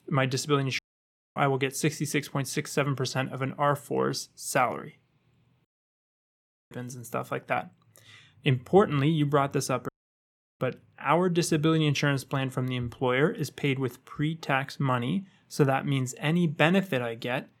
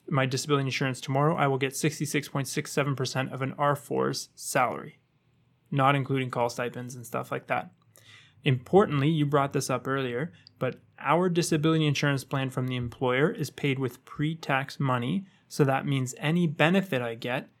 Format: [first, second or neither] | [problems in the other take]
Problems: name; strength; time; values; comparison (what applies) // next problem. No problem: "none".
second | audio cutting out; at 1 s for 0.5 s, at 5.5 s for 1 s and at 10 s for 0.5 s